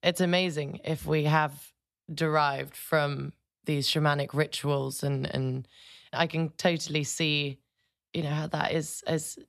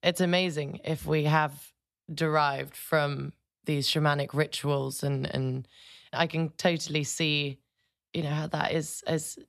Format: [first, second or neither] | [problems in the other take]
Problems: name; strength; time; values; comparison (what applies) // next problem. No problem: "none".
neither | none